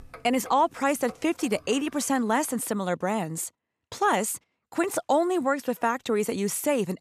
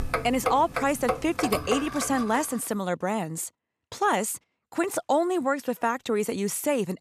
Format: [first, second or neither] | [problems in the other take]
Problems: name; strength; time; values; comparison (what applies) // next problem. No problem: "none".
first | household noises; loud; until 2 s; 5 dB below the speech; faint in the first